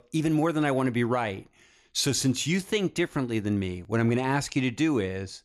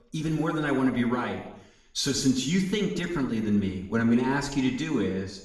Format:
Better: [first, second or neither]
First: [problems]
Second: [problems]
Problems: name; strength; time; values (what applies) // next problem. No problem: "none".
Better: first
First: none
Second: room echo; noticeable; dies away in 0.7 s // off-mic speech; far